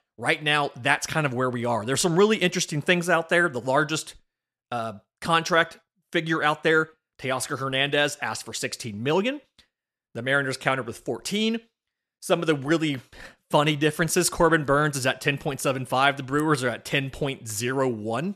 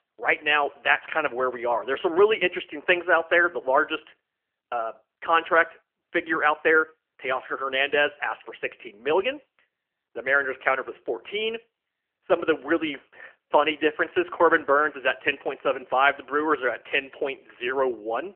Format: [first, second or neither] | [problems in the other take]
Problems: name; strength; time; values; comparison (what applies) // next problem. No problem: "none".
first | phone-call audio; nothing above 3 kHz